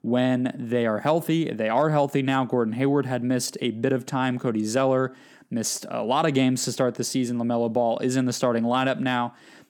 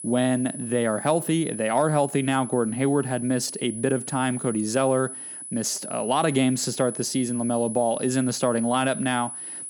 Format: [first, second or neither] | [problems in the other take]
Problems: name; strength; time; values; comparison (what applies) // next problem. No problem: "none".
first | high-pitched whine; loud; throughout; 10 kHz, 9 dB below the speech